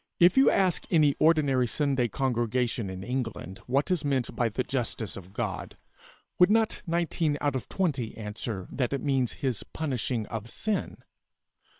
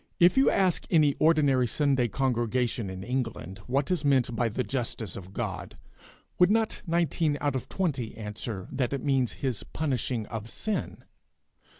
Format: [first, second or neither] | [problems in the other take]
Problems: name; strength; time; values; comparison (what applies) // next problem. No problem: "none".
second | noise reduction (neural separator model SepFormer WHAM!)